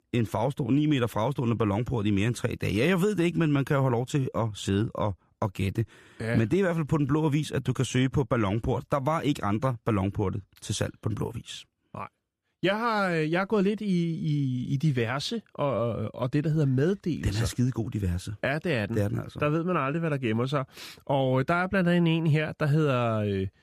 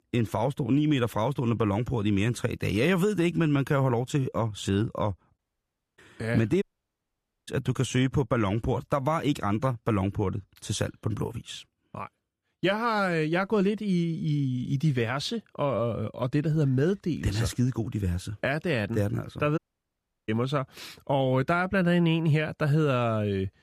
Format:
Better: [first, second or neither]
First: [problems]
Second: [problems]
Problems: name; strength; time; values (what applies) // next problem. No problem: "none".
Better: first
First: none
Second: audio cutting out; at 5.5 s for 0.5 s, at 6.5 s for 1 s and at 20 s for 0.5 s